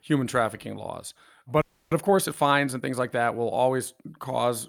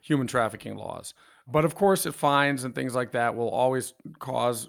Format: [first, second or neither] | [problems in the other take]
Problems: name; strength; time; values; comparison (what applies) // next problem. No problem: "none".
second | audio freezing; at 1.5 s